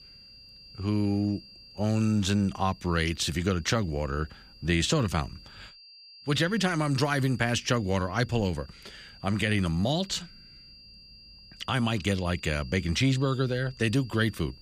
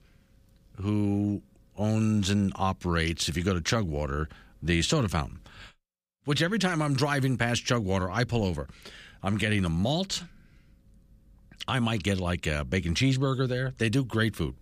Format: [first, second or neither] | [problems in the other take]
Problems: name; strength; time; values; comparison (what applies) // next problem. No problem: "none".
second | high-pitched whine; faint; throughout; 4.5 kHz, 20 dB below the speech